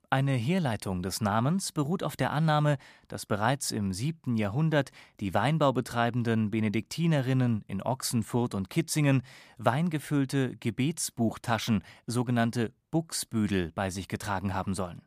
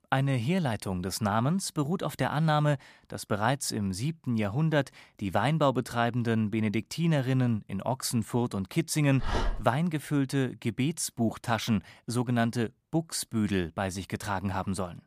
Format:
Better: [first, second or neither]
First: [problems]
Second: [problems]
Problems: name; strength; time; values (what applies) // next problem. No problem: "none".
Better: first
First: none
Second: dog barking; noticeable; at 9 s; peak 3 dB below the speech